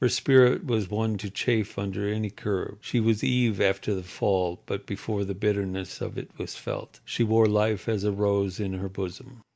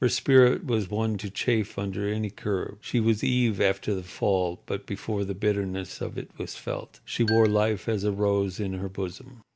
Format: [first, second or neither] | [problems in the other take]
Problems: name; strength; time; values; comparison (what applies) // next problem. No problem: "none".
first | background sound (Marimba, xylophone); 15 dB below the speech